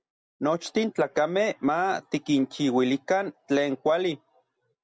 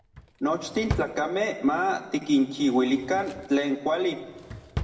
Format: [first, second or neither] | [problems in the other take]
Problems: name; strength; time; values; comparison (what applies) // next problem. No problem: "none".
first | background sound (Drawer open or close); 12 dB below the speech // room echo; dies away in 1.8 s